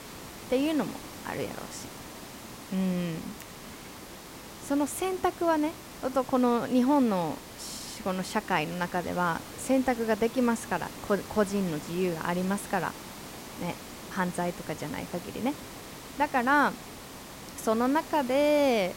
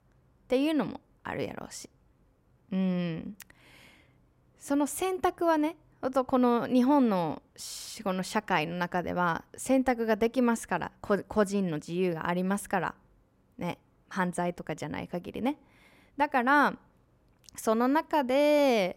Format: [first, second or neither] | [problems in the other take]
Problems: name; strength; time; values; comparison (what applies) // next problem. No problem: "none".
second | hiss; noticeable; throughout; 15 dB below the speech